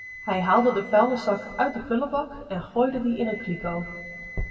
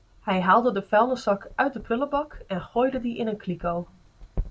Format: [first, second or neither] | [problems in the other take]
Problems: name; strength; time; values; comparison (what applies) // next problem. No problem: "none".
second | background sound (Wind instrument, woodwind instrument); 17 dB below the speech // room echo; dies away in 1.5 s